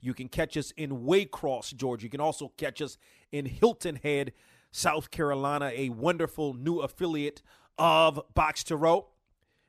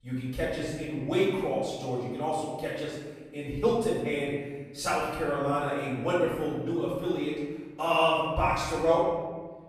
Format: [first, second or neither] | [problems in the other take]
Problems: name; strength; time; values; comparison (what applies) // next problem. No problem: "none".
first | off-mic speech; far // room echo; strong; dies away in 1.3 s